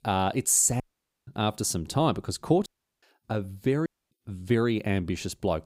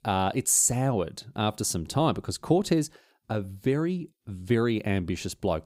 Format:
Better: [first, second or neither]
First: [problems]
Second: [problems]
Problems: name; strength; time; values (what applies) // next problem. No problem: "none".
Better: second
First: audio cutting out; at 1 s, at 2.5 s and at 4 s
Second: none